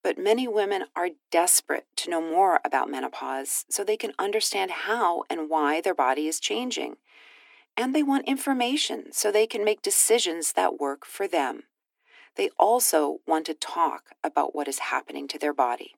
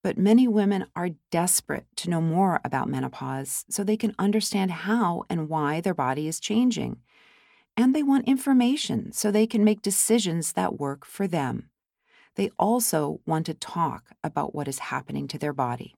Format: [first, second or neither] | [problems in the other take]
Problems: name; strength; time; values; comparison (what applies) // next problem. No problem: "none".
second | thin; somewhat; fading below 300 Hz